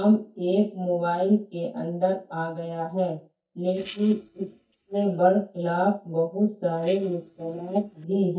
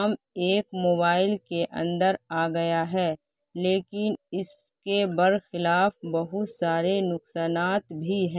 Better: second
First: noise reduction (neural mask model DeepFilterNet 3)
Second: none

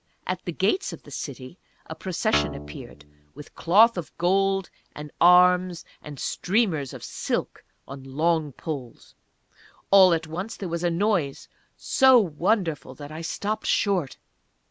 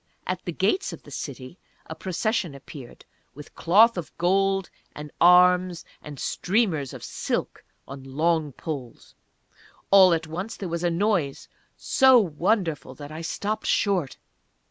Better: second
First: background sound (Guitar); 6 dB below the speech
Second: none

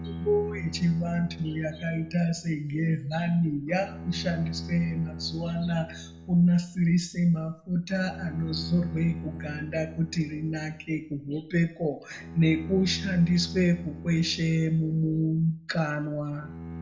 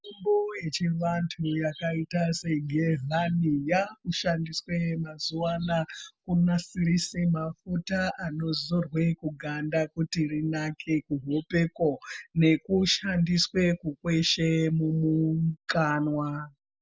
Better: second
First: background sound (Bowed string instrument); 13 dB below the speech // room echo; dies away in 0.5 s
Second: none

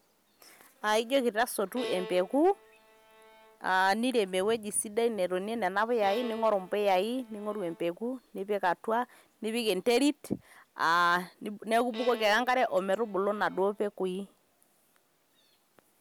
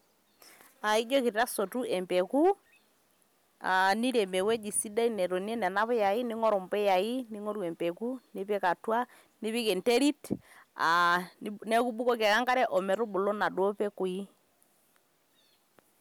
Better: second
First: background sound (Bowed string instrument); 17 dB below the speech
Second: none

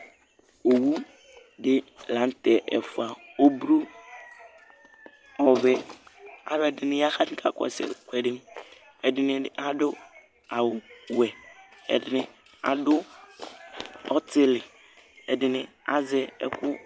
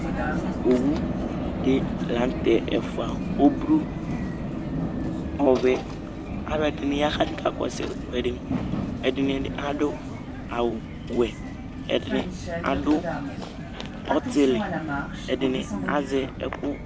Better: first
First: none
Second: background sound (Vehicle); 3 dB below the speech

